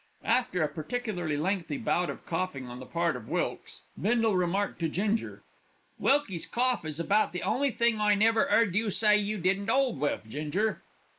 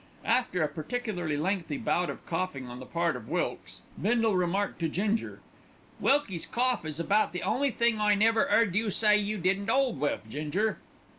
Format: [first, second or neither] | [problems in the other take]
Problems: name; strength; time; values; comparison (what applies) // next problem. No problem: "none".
second | noise reduction (neural mask model Resemble Enhance denoiser)